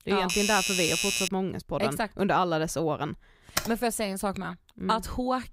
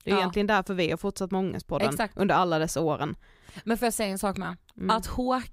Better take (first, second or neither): second